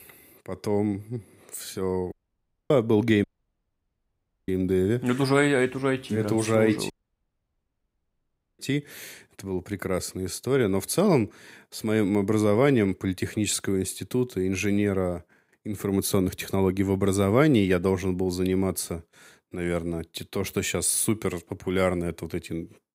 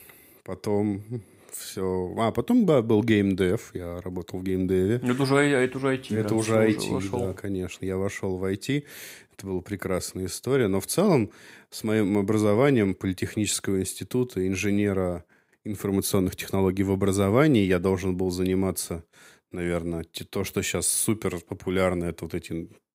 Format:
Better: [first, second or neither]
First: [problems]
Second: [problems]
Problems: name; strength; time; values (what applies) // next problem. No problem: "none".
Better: second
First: audio cutting out; at 2 s for 0.5 s, at 3 s for 1 s and at 7 s for 1.5 s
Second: none